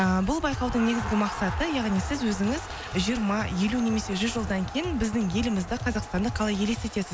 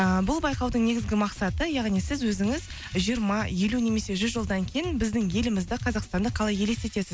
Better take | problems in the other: second | background sound (Crowd); 12 dB below the speech

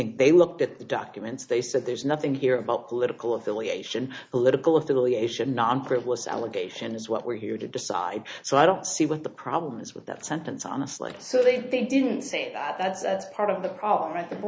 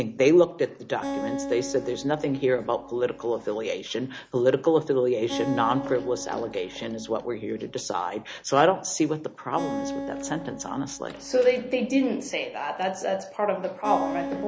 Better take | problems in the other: first | background sound (Acoustic guitar); 11 dB below the speech

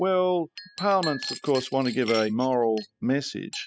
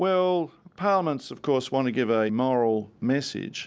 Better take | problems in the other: second | noise reduction (classical method spectral subtraction)

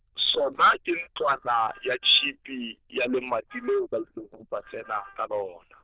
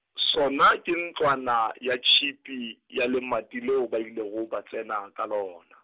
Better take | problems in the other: second | noise reduction (neural diffusion model UNIVERSE++)

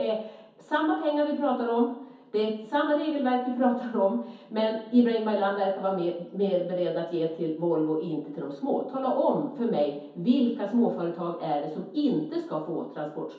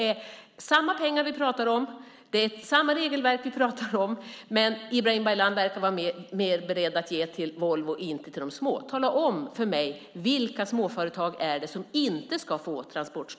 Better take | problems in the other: second | room echo; dies away in 0.6 s

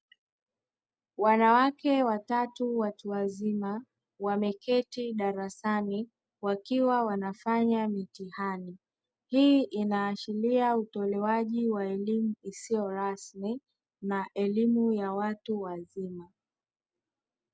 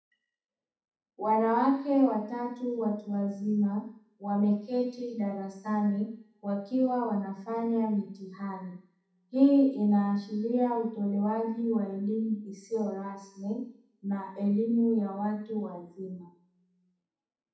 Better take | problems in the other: first | room echo; dies away in 0.7 s

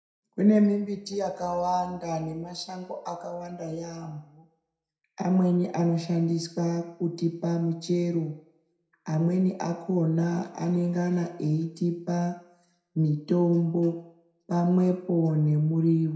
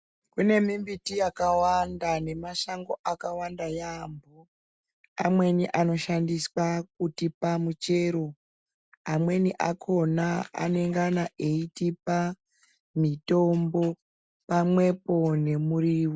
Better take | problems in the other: second | room echo; dies away in 0.5 s

